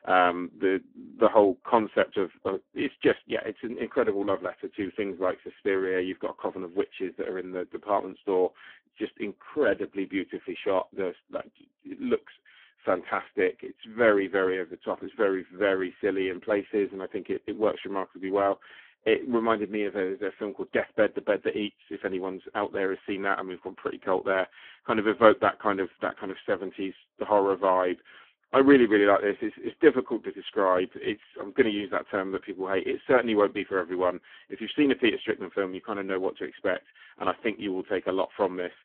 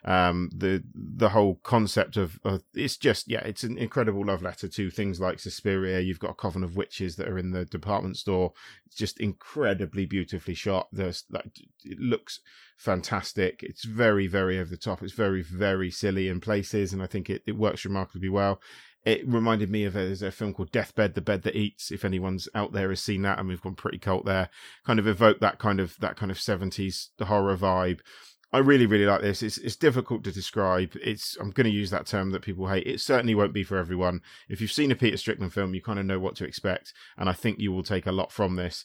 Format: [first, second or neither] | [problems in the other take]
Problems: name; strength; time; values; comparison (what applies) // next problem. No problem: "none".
second | phone-call audio; poor line